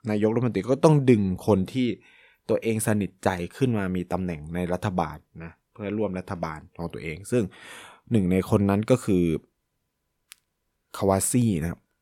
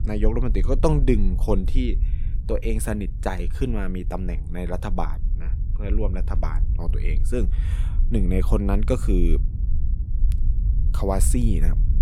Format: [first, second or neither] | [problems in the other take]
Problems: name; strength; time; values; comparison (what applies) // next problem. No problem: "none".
first | low rumble; noticeable; throughout; 15 dB below the speech